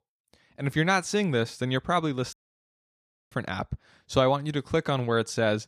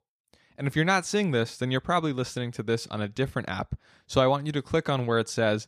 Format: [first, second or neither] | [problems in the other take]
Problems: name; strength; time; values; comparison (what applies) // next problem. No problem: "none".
second | audio cutting out; at 2.5 s for 1 s